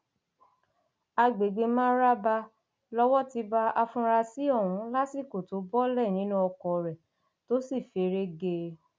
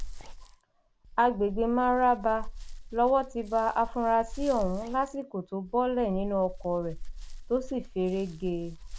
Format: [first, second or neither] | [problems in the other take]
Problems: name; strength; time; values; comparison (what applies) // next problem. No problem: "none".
first | background sound (Dog); 10 dB below the speech